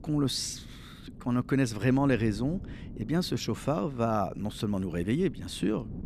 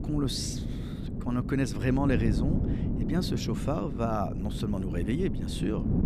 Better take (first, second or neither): first